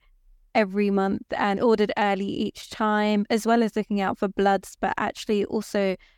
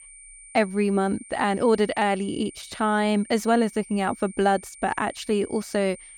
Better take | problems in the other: first | high-pitched whine; noticeable; throughout; 9 kHz, 20 dB below the speech

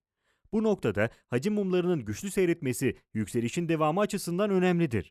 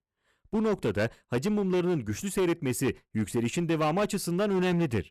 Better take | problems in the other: first | distortion; slight; 12% of the sound clipped

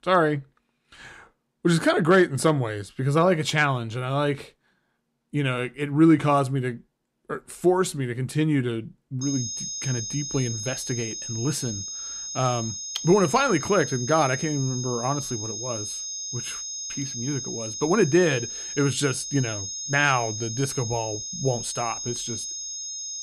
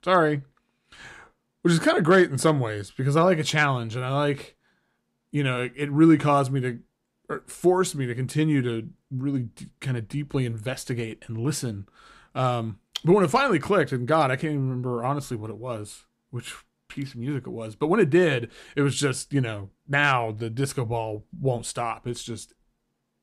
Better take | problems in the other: second | high-pitched whine; loud; from 9 s on; 6.5 kHz, 6 dB below the speech

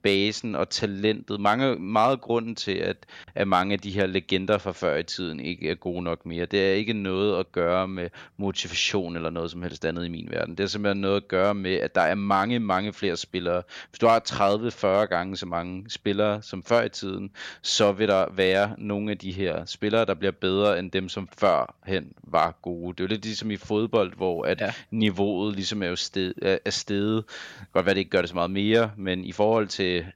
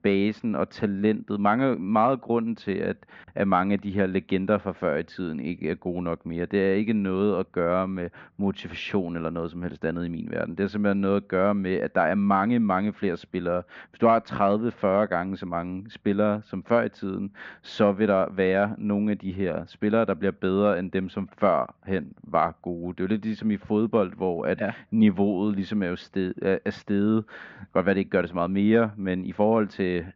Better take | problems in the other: first | muffled; very; fading above 1.5 kHz

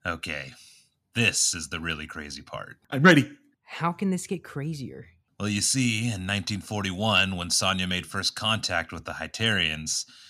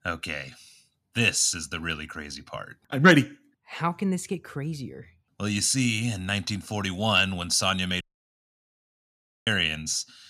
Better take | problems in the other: first | audio cutting out; at 8 s for 1.5 s

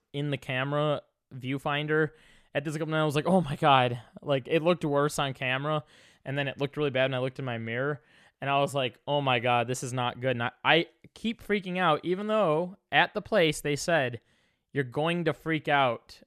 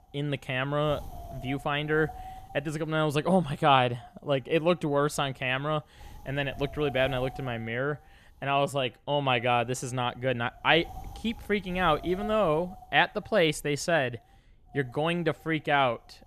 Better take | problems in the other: first | wind noise on the microphone; occasional gusts; 20 dB below the speech

